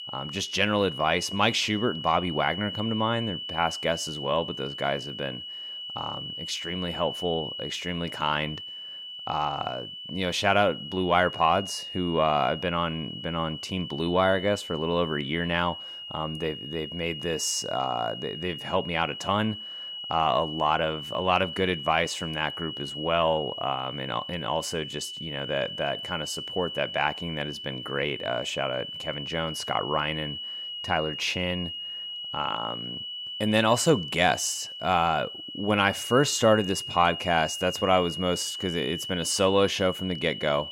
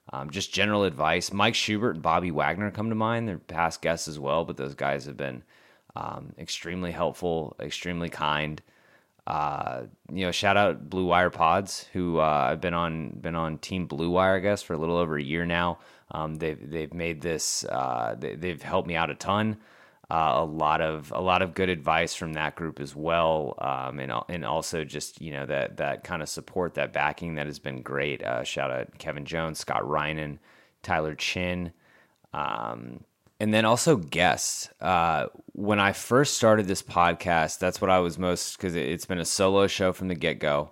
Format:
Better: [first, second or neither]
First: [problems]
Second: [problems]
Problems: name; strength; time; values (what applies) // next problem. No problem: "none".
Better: second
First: high-pitched whine; loud; throughout; 3 kHz, 7 dB below the speech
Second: none